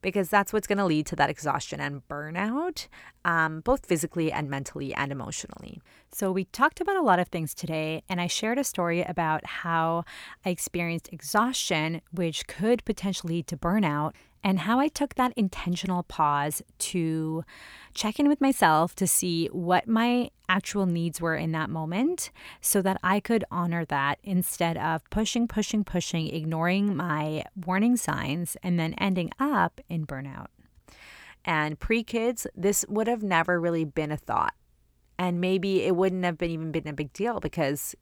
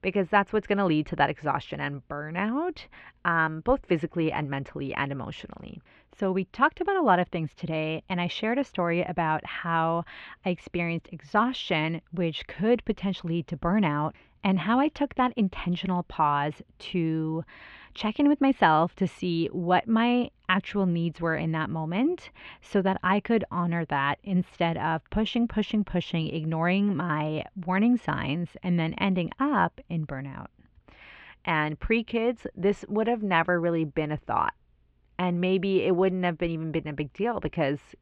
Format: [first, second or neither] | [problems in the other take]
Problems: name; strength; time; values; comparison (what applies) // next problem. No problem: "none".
first | muffled; very; fading above 3 kHz